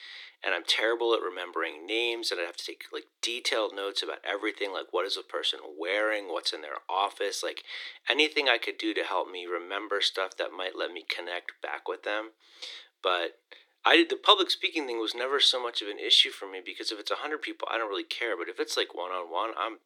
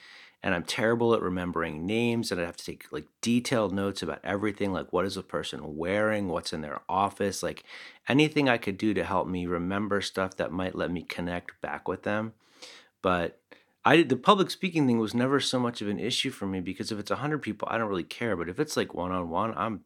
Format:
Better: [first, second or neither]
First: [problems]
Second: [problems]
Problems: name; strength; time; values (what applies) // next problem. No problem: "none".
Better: second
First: thin; very; fading below 350 Hz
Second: none